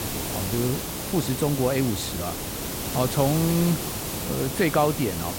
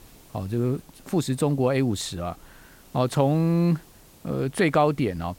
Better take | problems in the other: second | hiss; loud; throughout; 4 dB below the speech; faint in the second

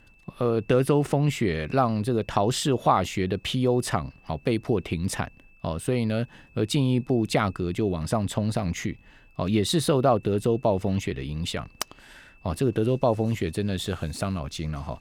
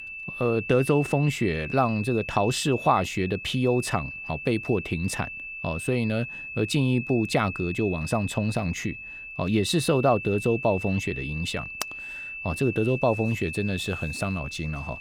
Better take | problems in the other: first | high-pitched whine; loud; throughout; 2.5 kHz, 9 dB below the speech; faint in the first

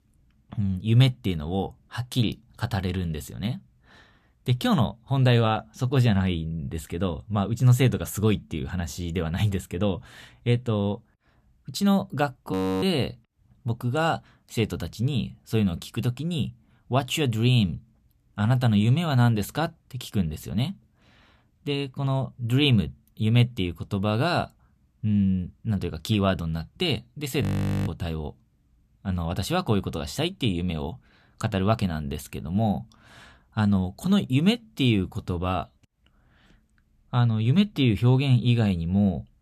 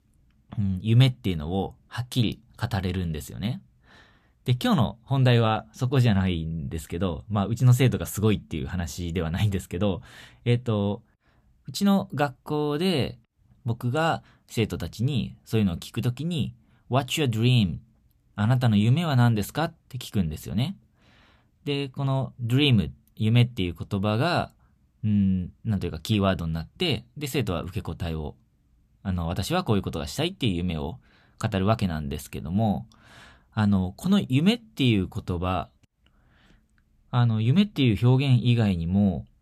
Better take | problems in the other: second | audio freezing; at 13 s and at 27 s

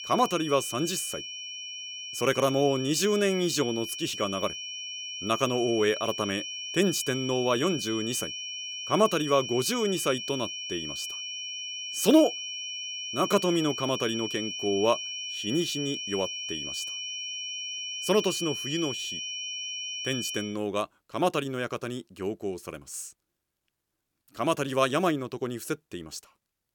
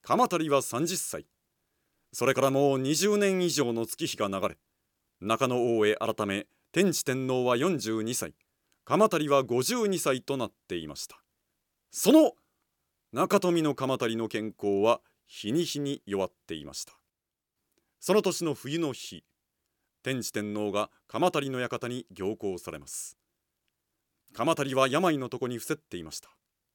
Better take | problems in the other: second | high-pitched whine; loud; until 20 s; 3 kHz, 5 dB below the speech

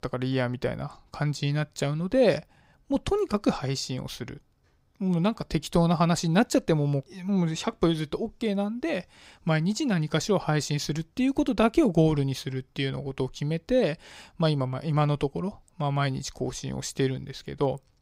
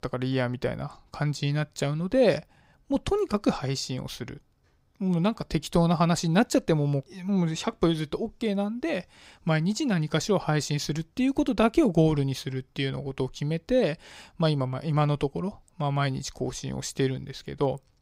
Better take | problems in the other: neither | none

